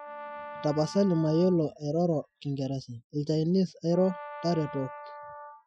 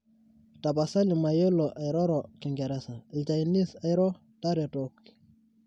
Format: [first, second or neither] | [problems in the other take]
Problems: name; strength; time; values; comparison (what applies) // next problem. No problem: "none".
second | noise reduction (classical method Wiener filter)